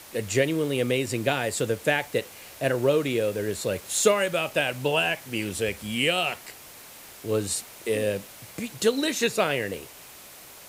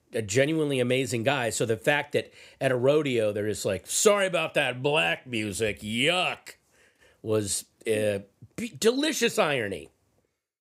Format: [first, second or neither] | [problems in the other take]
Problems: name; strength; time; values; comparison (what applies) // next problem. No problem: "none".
second | hiss; noticeable; throughout; 20 dB below the speech